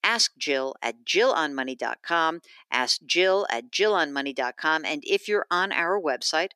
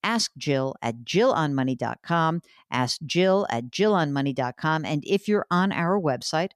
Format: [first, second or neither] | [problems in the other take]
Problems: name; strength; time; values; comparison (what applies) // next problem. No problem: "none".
second | thin; somewhat; fading below 350 Hz